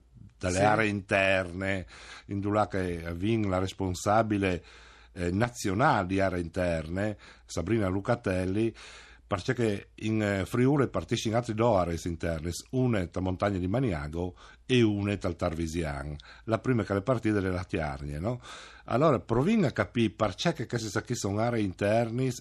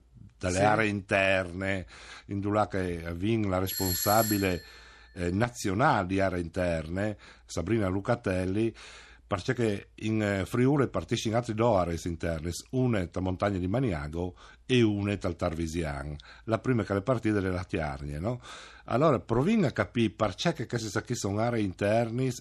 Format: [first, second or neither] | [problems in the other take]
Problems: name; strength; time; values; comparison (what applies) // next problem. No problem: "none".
first | doorbell; loud; at 3.5 s; peak level with the speech